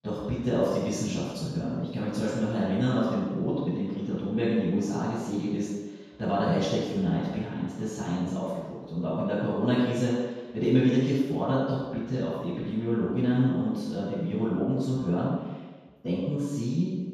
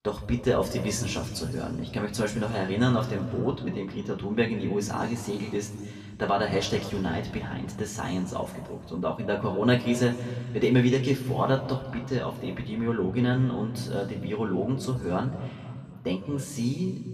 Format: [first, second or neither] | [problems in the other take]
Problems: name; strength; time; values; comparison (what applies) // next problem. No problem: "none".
second | room echo; strong; dies away in 1.2 s; slight in the second // off-mic speech; far; far in the second